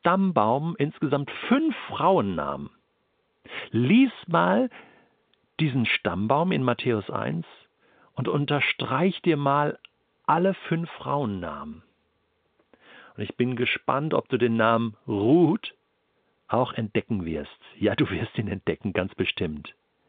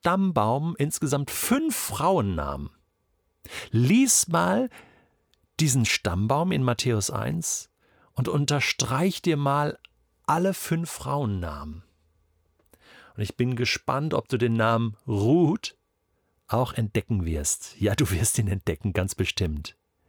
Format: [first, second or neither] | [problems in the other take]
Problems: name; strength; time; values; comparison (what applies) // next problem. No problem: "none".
second | phone-call audio; nothing above 3.5 kHz